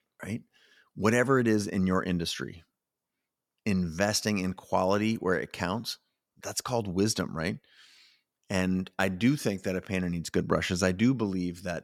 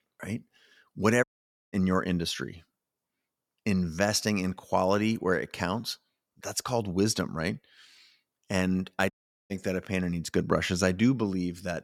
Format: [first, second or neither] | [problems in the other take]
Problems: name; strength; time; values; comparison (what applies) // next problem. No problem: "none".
first | audio cutting out; at 1 s and at 9 s